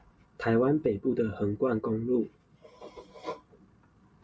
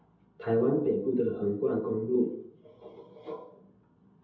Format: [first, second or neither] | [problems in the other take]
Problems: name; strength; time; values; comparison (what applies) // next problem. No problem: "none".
first | room echo; dies away in 0.7 s